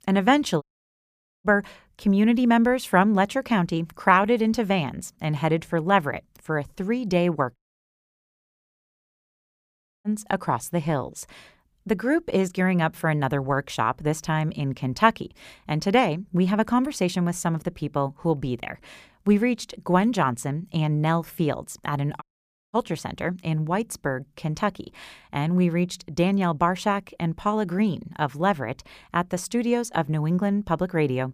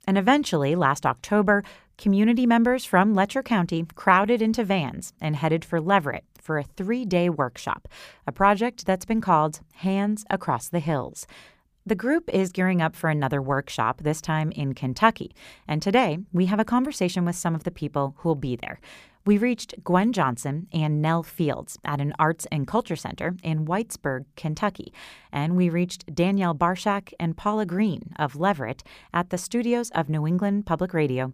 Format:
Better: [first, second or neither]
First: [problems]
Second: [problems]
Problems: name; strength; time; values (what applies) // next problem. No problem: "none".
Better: second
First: audio cutting out; at 0.5 s for 1 s, at 7.5 s for 2.5 s and at 22 s for 0.5 s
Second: none